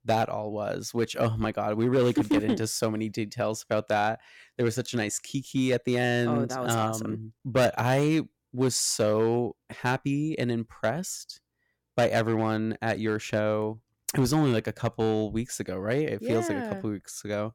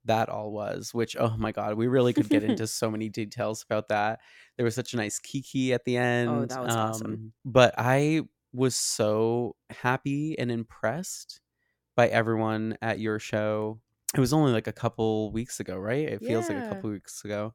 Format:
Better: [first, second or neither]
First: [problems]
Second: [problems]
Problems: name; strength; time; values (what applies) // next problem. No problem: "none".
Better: second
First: distortion; slight; 4% of the sound clipped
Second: none